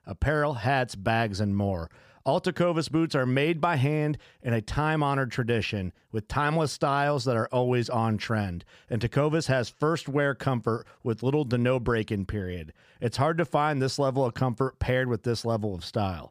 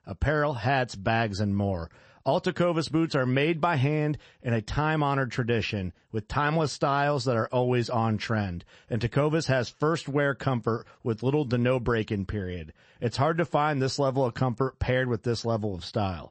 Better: first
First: none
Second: garbled, watery; slightly; nothing above 8 kHz

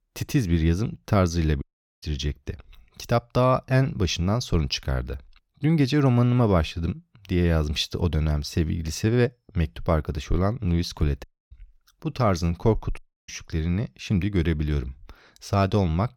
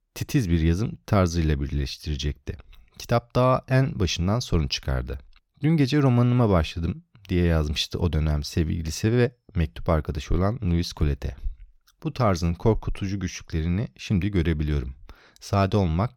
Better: second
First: audio cutting out; at 1.5 s, at 11 s and at 13 s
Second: none

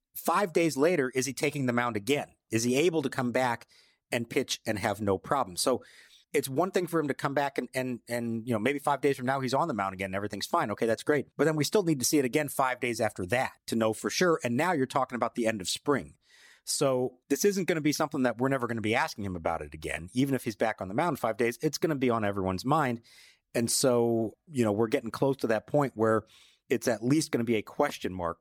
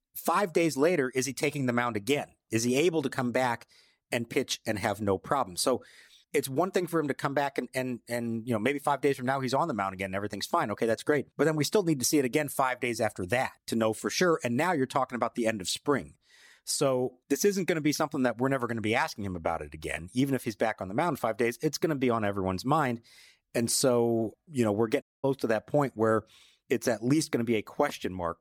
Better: first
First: none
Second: audio cutting out; at 25 s

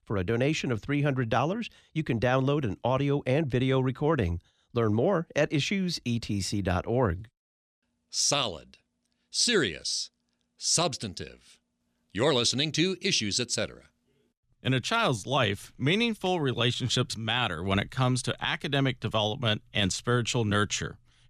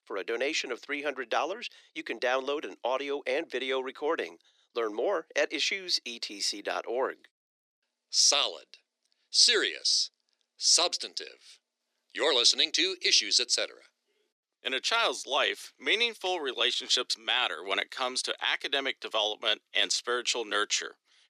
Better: first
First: none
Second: thin; very; fading below 350 Hz

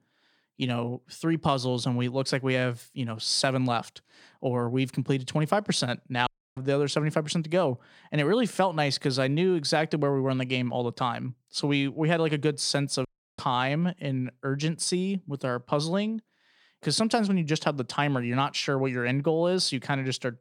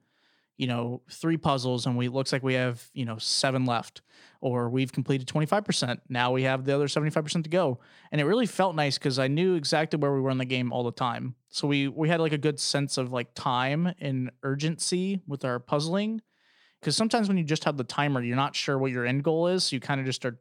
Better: second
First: audio cutting out; at 6.5 s and at 13 s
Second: none

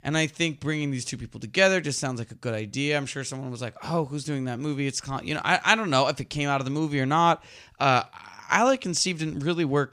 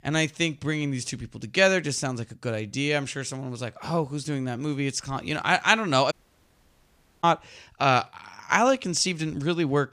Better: first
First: none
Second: audio cutting out; at 6 s for 1 s

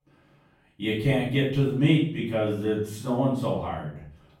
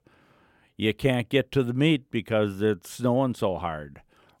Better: second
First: room echo; noticeable; dies away in 0.6 s // off-mic speech; far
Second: none

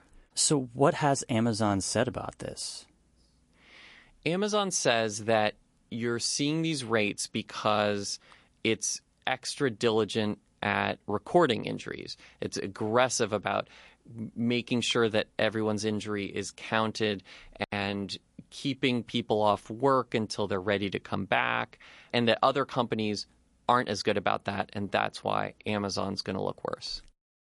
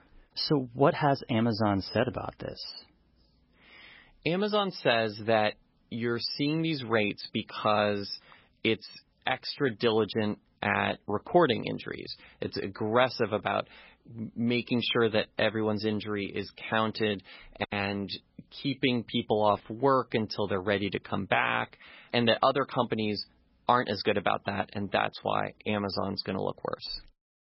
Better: first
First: garbled, watery; slightly; nothing above 11 kHz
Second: garbled, watery; badly; nothing above 5.5 kHz

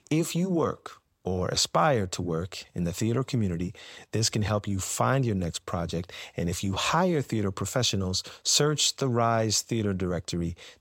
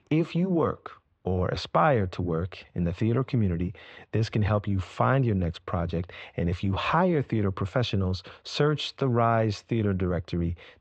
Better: first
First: none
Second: muffled; very; fading above 3 kHz

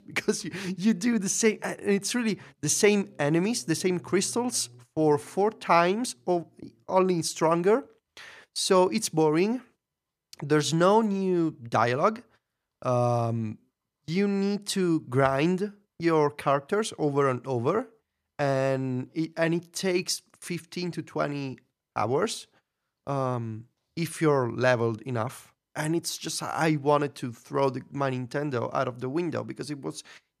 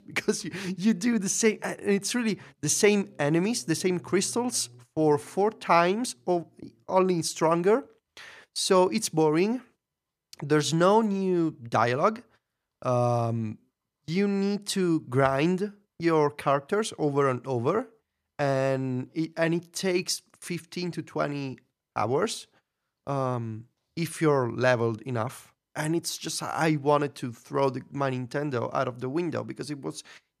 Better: neither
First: none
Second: none

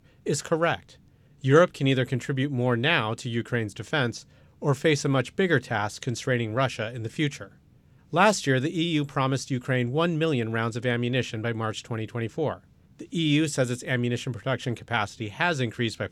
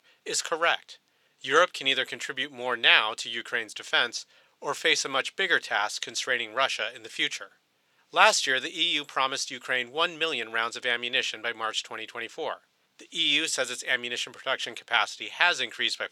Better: first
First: none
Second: thin; very; fading below 700 Hz

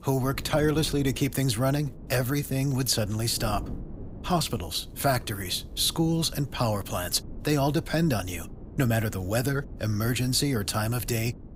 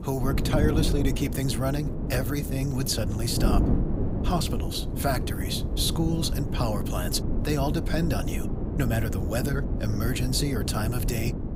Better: first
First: wind noise on the microphone; occasional gusts; 20 dB below the speech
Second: wind noise on the microphone; heavy; 6 dB below the speech

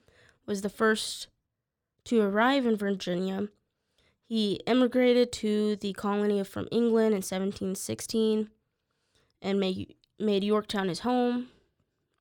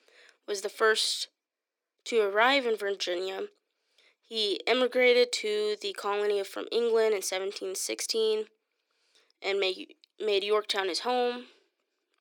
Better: first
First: none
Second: thin; very; fading below 300 Hz

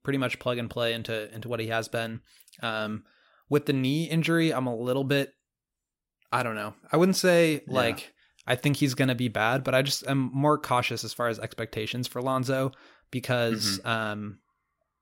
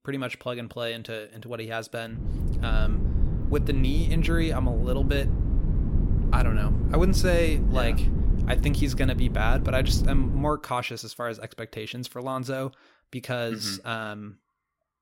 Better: first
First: none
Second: low rumble; loud; from 2 to 10 s; 9 dB below the speech

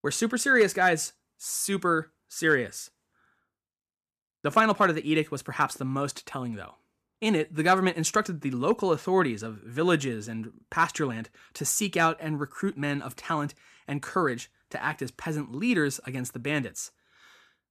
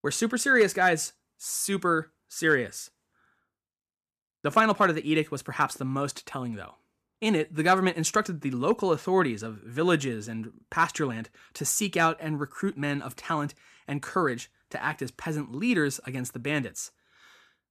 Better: neither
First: none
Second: none

